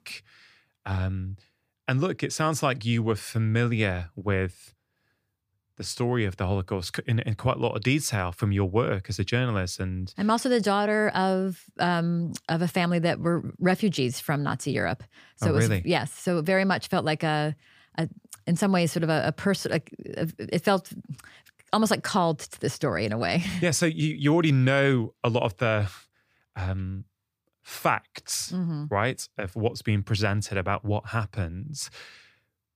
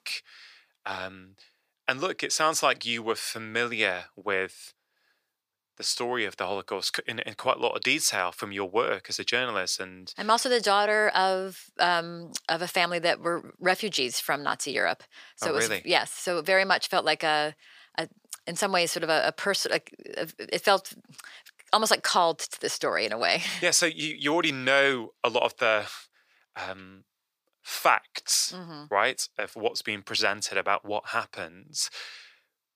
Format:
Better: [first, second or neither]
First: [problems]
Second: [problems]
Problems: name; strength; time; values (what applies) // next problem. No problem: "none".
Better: first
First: none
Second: thin; very; fading below 500 Hz